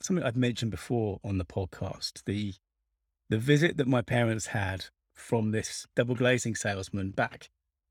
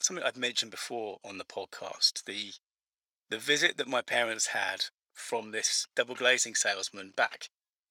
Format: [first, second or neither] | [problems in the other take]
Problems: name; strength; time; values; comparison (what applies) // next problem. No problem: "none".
first | thin; very; fading below 650 Hz